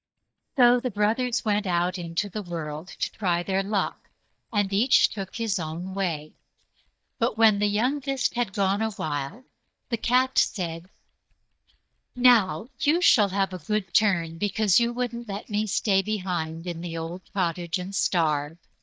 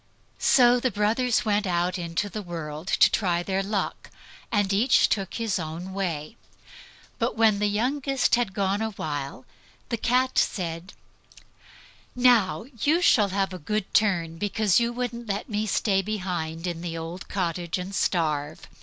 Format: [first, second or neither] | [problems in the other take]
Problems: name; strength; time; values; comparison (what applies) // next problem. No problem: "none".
second | noise reduction (neural mask model DeepFilterNet 3)